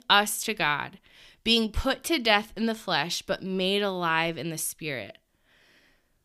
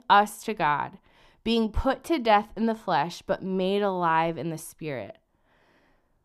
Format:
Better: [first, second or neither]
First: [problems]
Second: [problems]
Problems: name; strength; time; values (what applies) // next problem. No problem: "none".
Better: first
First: none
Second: muffled; slightly; fading above 1.5 kHz